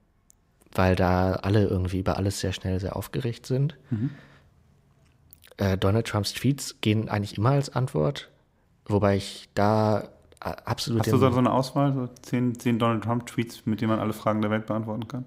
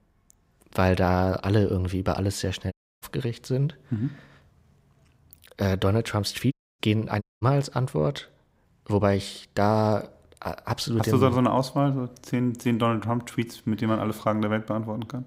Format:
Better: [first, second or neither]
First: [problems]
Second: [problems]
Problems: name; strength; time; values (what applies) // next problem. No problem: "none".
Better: first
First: none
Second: audio cutting out; at 2.5 s, at 6.5 s and at 7 s